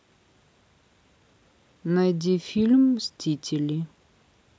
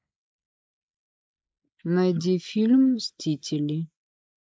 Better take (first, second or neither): first